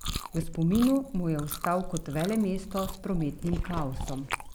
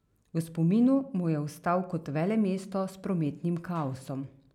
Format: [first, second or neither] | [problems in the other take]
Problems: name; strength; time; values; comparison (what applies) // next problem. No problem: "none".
second | background sound (Chewing, mastication); 7 dB below the speech